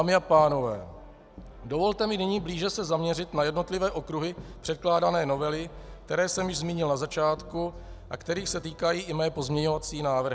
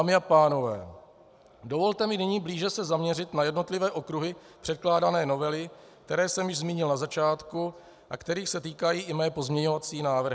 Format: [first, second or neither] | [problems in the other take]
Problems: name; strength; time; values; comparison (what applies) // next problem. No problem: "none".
second | background sound (Brass instrument); 18 dB below the speech